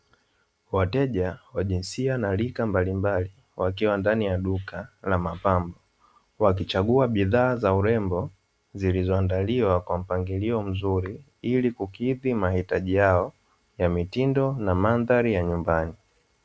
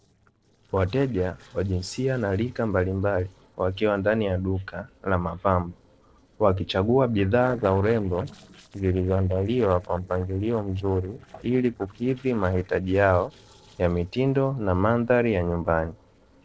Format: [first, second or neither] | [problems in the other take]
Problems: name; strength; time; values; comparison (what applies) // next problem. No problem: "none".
first | noise reduction (neural separator model SepFormer DNS4)